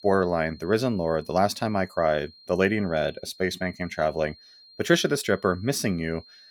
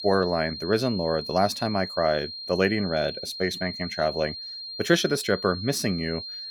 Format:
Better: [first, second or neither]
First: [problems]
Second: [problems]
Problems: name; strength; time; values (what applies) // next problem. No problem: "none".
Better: first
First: high-pitched whine; faint; throughout; 4 kHz, 25 dB below the speech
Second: high-pitched whine; loud; throughout; 4 kHz, 8 dB below the speech